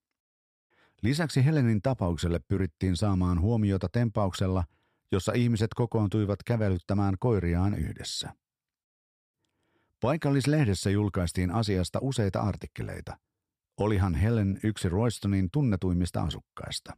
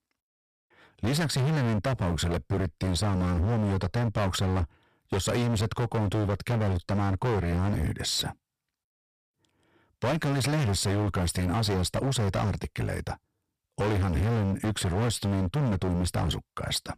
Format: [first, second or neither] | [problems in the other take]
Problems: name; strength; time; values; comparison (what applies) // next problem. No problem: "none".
first | distortion; heavy; 29% of the sound clipped